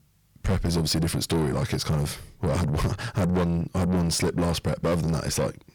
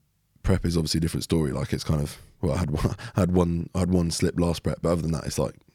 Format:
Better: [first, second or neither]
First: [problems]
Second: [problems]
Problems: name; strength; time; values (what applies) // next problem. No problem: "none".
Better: second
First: distortion; heavy; 8 dB below the speech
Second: none